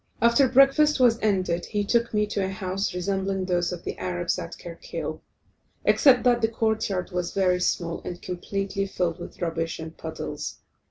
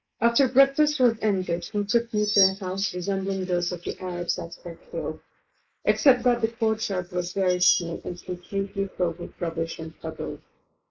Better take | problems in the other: first | noise reduction (neural mask model Resemble Enhance denoiser)

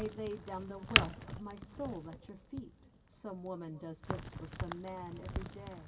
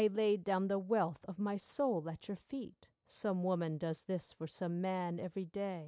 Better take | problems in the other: second | background sound (Crack); 4 dB above the speech // room echo; dies away in 2.5 s

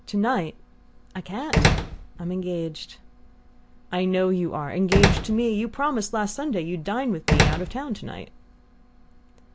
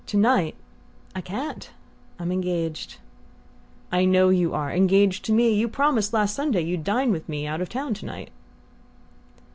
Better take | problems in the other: second | background sound (Slam); 1 dB above the speech

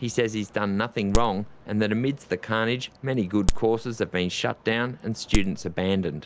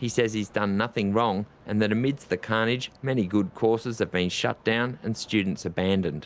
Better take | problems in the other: second | background sound (Crack); 3 dB below the speech

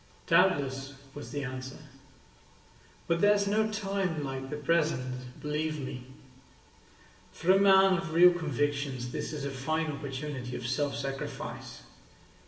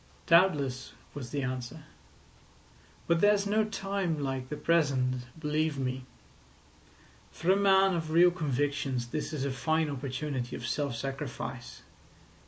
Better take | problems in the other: second | room echo; dies away in 1.1 s

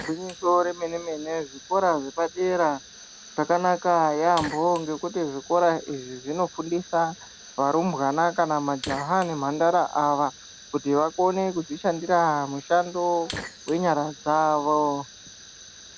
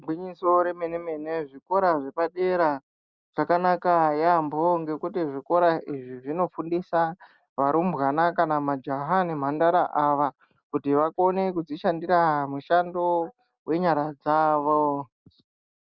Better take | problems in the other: second | background sound (Fire); 18 dB below the speech

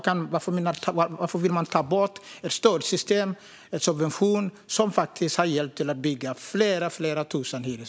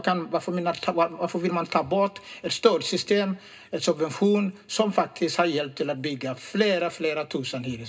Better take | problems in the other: first | room echo; dies away in 0.2 s

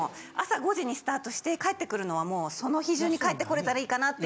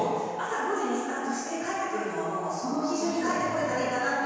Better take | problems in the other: first | room echo; dies away in 1.9 s

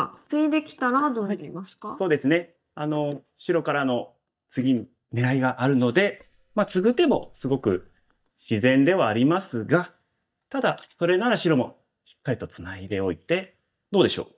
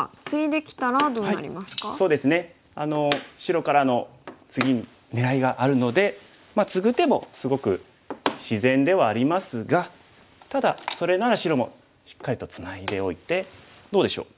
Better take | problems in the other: second | noise reduction (neural mask model DeepFilterNet 3)

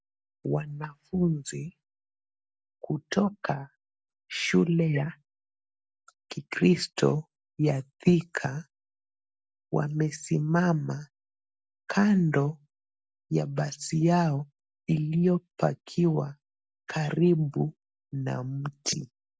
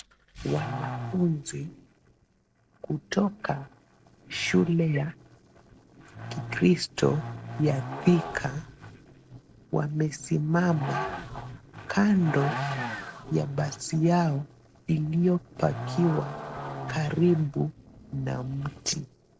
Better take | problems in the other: first | noise reduction (neural separator model SepFormer DNS4)

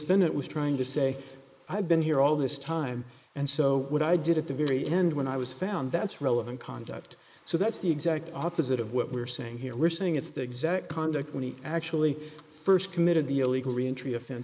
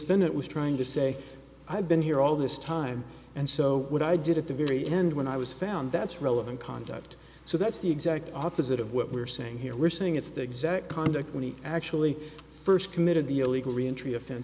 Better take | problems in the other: second | noise reduction (neural mask model Resemble Enhance denoiser)

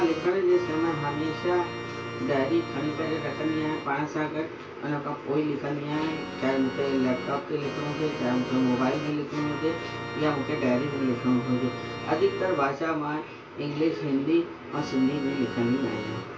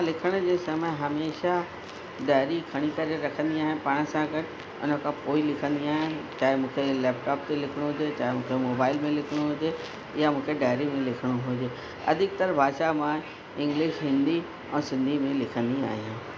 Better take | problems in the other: second | background sound (Organ); 10 dB below the speech // room echo; dies away in 0.1 s

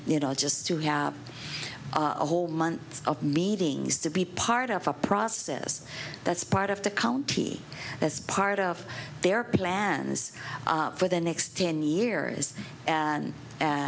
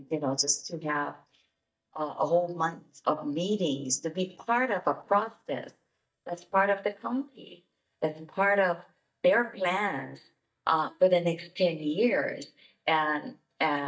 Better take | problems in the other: first | noise reduction (neural mask model DeepFilterNet 3)

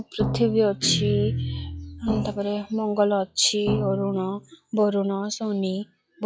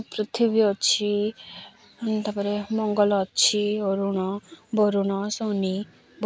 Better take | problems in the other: second | noise reduction (classical method log-MMSE)

